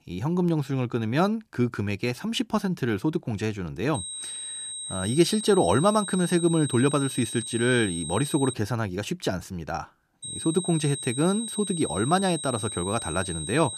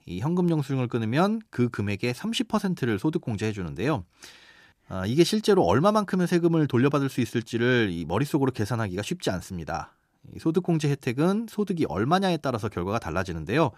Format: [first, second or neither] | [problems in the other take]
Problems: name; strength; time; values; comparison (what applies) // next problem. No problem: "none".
second | high-pitched whine; loud; from 4 to 8.5 s and from 10 s on; 8.5 kHz, 7 dB below the speech